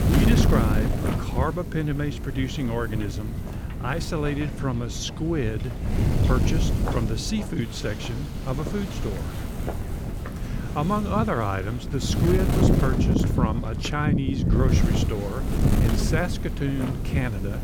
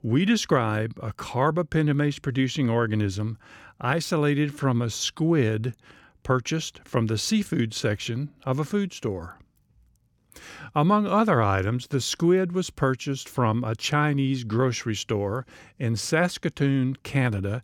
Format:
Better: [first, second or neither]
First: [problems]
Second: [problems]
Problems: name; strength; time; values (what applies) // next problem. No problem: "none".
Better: second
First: wind noise on the microphone; heavy; 3 dB below the speech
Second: none